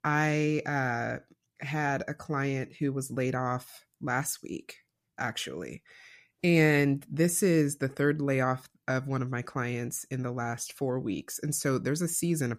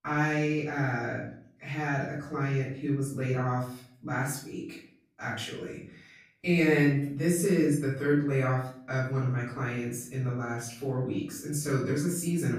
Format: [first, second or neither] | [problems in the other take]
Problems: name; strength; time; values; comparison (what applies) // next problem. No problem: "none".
first | room echo; noticeable; dies away in 0.5 s // off-mic speech; far